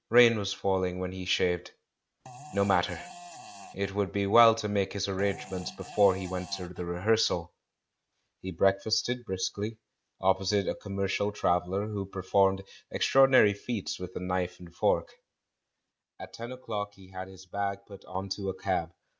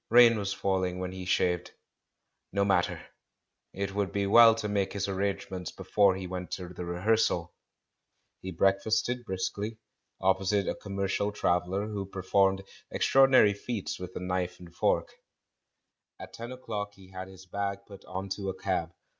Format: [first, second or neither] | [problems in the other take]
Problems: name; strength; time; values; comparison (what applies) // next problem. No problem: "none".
second | background sound (Fart); 17 dB below the speech